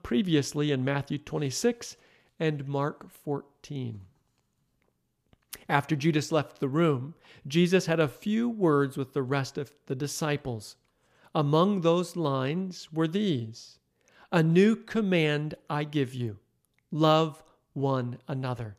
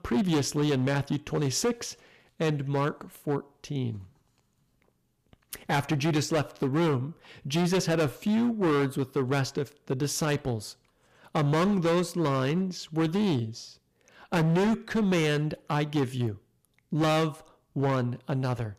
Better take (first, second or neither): first